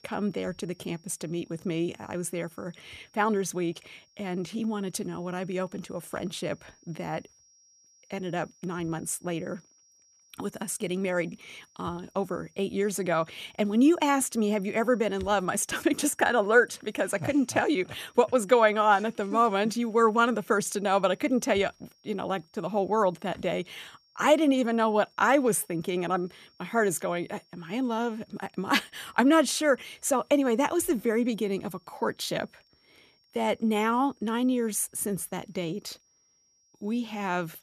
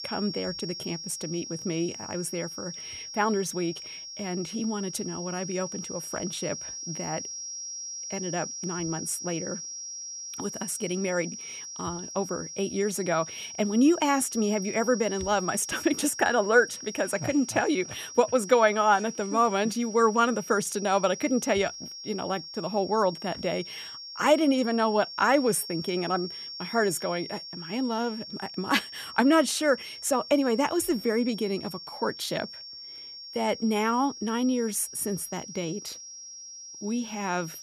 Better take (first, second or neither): first